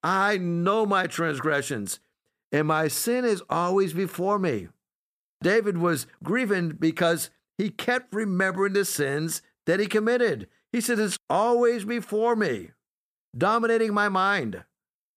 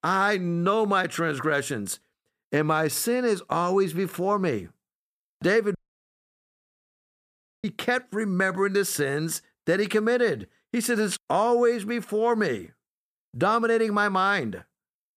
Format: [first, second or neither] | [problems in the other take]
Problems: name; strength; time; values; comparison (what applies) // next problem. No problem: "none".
first | audio cutting out; at 6 s for 2 s